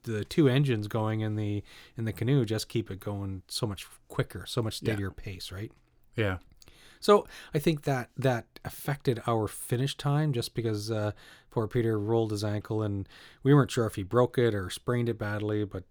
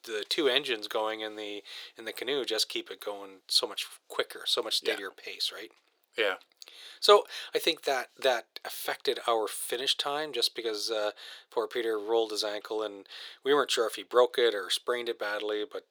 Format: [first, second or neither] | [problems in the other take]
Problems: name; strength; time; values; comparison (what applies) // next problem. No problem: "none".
first | thin; very; fading below 450 Hz